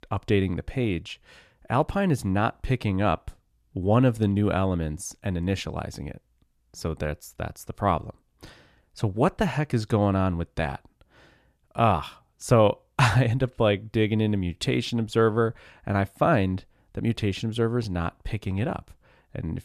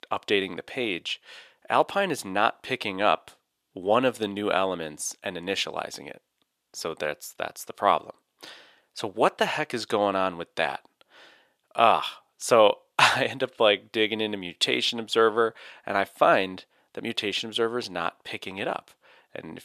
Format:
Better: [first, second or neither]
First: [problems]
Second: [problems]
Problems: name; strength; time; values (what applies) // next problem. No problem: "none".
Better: first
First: none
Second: thin; somewhat; fading below 450 Hz